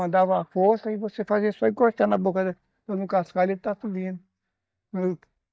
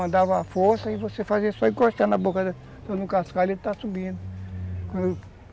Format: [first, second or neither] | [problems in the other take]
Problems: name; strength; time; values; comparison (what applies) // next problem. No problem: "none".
second | noise reduction (neural mask model DeepFilterNet 3)